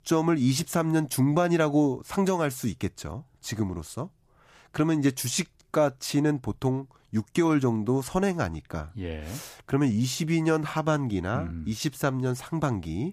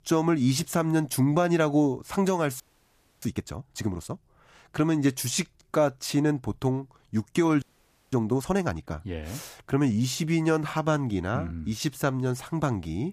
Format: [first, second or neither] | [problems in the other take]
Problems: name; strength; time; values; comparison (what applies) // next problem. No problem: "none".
first | audio freezing; at 2.5 s for 0.5 s and at 7.5 s